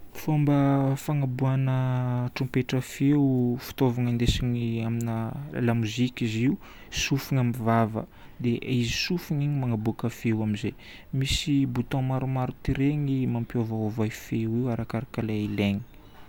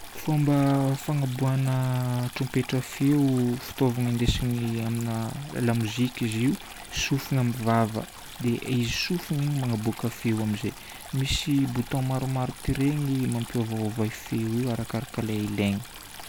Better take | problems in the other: first | background sound (Stream); 17 dB below the speech

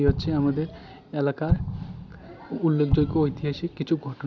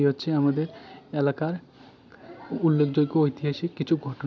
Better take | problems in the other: second | background sound (Explosion); 4 dB below the speech

